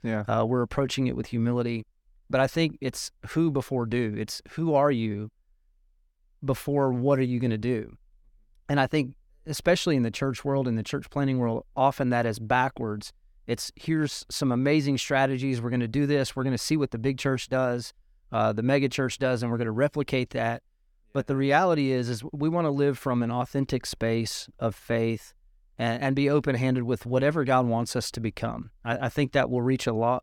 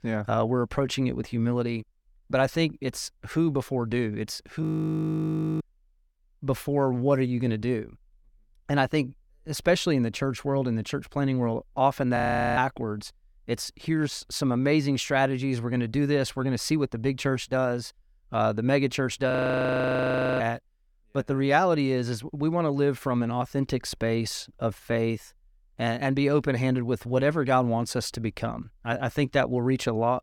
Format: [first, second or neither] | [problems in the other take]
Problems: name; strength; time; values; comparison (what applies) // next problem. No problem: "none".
first | audio freezing; at 4.5 s for 1 s, at 12 s and at 19 s for 1 s